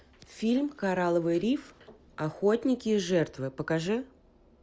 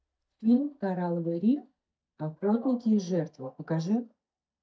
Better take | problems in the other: first | noise reduction (neural mask model DeepFilterNet 3)

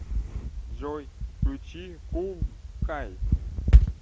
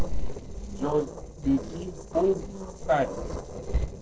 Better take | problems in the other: first | noise reduction (neural separator model SepFormer DNS4)

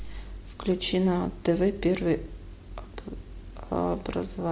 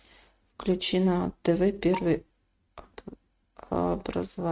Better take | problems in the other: first | noise reduction (neural mask model RNNoise)

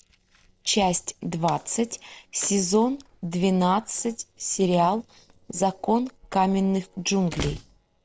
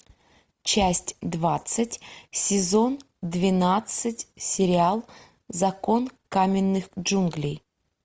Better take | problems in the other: second | noise reduction (neural separator model SepFormer DNS4)

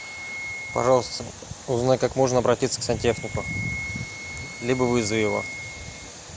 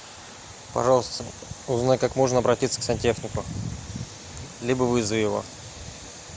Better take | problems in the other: second | background sound (Wind instrument, woodwind instrument); 12 dB below the speech

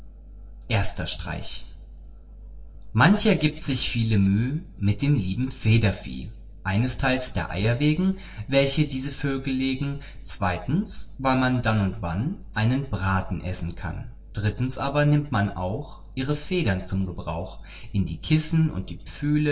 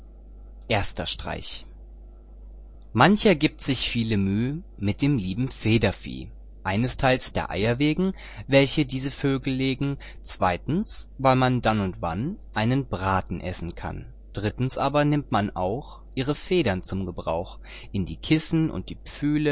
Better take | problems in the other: second | room echo; dies away in 0.6 s

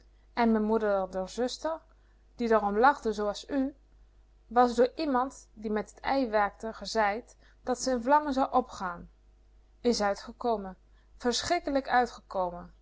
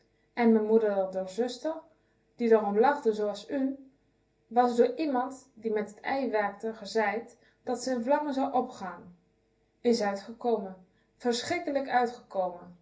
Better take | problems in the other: first | room echo; dies away in 0.3 s

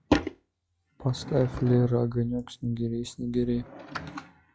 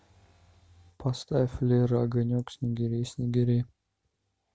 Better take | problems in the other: second | noise reduction (classical method log-MMSE)

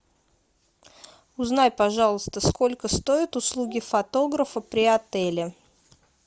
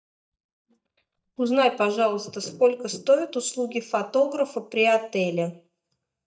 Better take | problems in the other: first | noise reduction (neural mask model DeepFilterNet 3)

